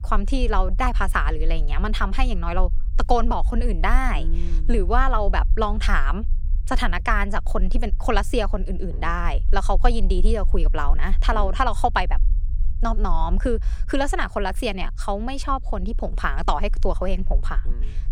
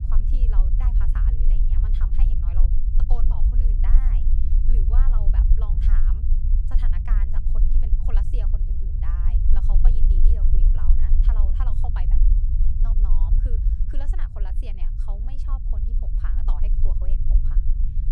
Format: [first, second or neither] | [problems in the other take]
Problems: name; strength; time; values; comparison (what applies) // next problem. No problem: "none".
first | low rumble; loud; throughout; as loud as the speech; faint in the first